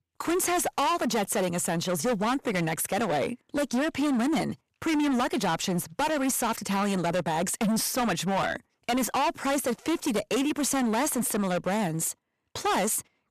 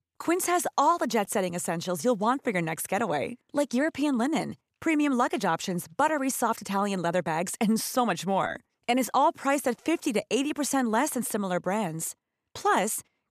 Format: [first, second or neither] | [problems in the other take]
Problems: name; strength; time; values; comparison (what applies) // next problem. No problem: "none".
second | distortion; heavy; 22% of the sound clipped